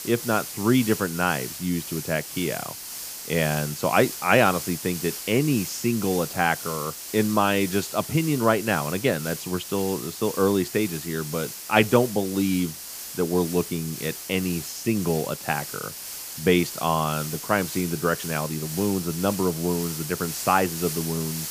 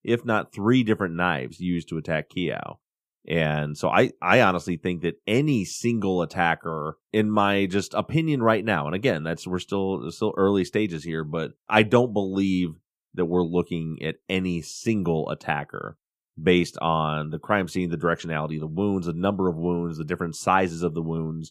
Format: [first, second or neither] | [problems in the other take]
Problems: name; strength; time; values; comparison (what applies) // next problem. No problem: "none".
second | hiss; loud; throughout; 8 dB below the speech